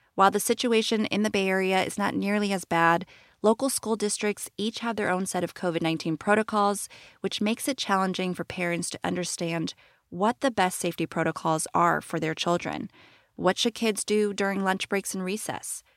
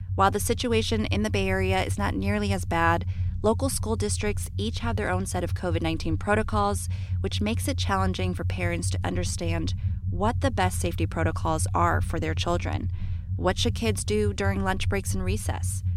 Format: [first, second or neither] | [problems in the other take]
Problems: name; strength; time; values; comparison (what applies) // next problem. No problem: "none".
first | low rumble; noticeable; throughout; 20 dB below the speech